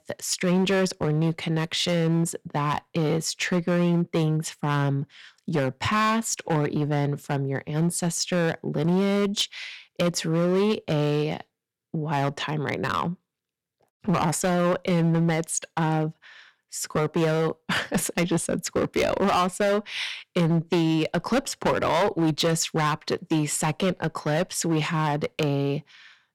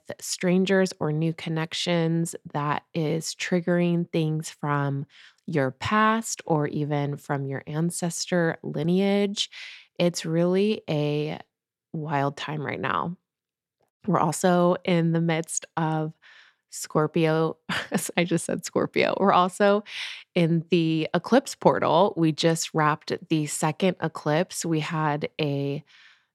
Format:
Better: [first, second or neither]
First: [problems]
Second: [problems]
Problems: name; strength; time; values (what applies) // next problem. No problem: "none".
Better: second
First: distortion; heavy; 10% of the sound clipped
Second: none